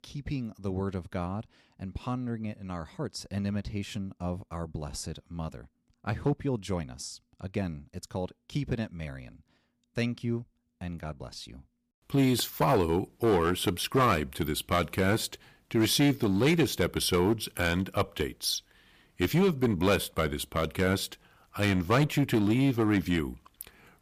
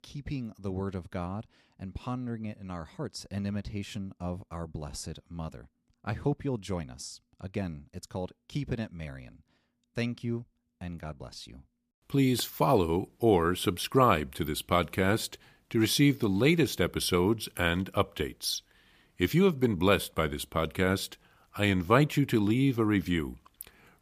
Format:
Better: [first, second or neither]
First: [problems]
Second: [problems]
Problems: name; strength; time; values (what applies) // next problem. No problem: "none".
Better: second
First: distortion; slight; 3% of the sound clipped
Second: none